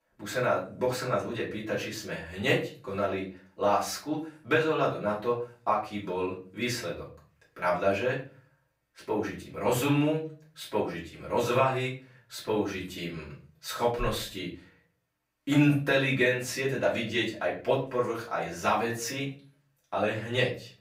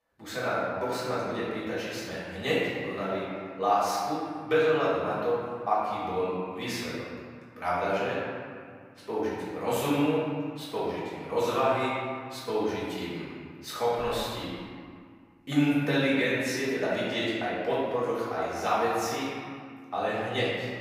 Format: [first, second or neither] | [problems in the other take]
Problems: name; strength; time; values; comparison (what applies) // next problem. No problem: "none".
first | room echo; strong; dies away in 1.9 s; slight in the first // off-mic speech; far; far in the first